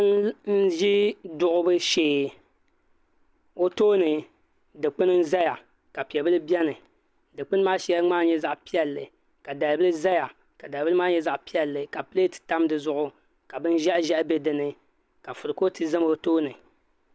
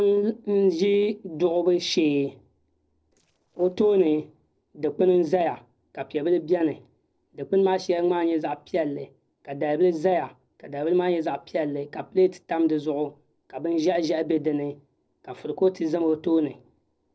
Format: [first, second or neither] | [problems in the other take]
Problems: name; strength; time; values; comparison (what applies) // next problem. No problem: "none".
first | noise reduction (neural separator model SepFormer DNS4)